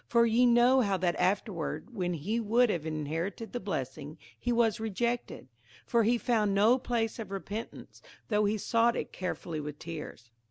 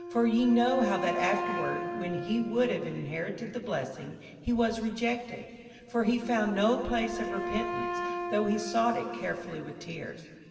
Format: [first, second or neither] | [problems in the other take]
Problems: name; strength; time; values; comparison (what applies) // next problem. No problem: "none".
first | background sound (Wind instrument, woodwind instrument); 8 dB below the speech // room echo; dies away in 2.6 s